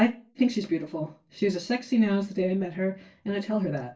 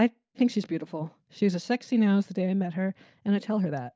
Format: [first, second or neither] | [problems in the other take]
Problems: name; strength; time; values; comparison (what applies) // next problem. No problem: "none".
second | room echo; dies away in 0.2 s